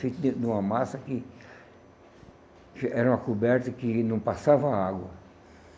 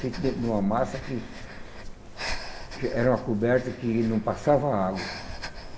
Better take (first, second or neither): first